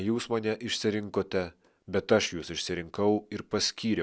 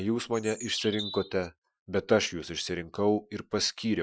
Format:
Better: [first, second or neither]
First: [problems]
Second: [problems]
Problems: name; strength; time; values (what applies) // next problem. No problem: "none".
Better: first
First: none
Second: noise reduction (classical method Wiener filter)